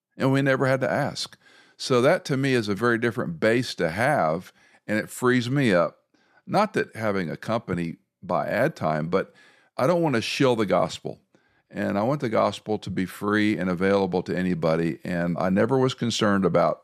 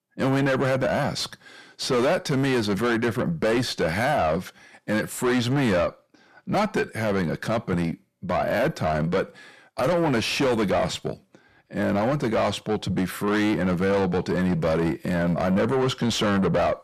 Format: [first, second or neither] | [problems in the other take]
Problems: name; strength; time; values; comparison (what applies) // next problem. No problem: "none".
first | distortion; heavy; 7 dB below the speech